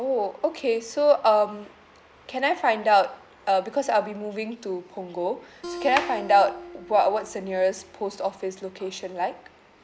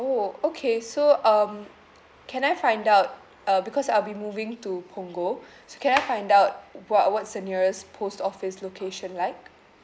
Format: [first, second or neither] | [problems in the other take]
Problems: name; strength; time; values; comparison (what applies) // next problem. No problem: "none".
second | background sound (Acoustic guitar); 15 dB below the speech